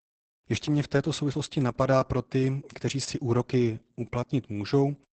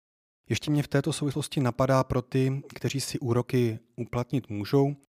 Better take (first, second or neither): second